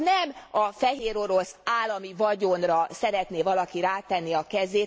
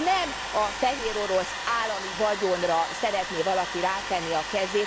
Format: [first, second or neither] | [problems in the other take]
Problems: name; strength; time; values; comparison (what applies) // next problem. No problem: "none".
first | background sound (Domestic sounds, home sounds); 6 dB below the speech